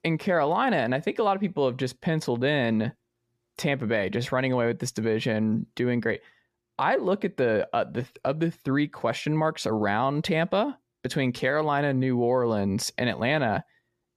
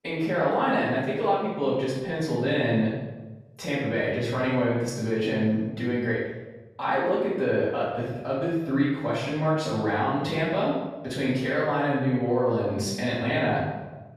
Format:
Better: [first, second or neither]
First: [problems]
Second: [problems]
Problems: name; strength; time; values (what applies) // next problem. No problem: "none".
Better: first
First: none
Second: off-mic speech; far // room echo; noticeable; dies away in 1 s